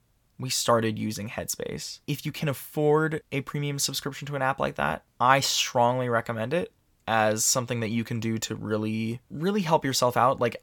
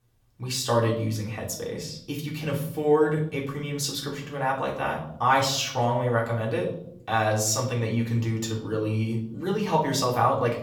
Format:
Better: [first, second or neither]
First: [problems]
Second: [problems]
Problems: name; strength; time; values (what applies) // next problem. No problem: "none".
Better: first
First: none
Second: off-mic speech; far // room echo; slight; dies away in 0.7 s